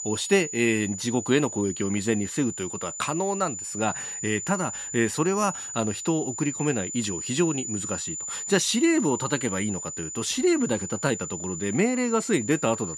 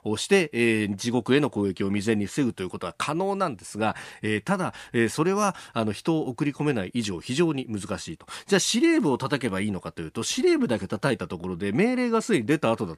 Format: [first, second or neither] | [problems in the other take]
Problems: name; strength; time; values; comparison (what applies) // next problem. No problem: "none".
second | high-pitched whine; loud; throughout; 7 kHz, 6 dB below the speech